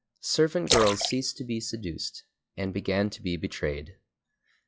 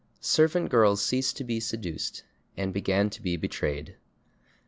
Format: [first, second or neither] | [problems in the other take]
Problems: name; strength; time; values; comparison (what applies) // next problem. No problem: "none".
second | noise reduction (classical method log-MMSE)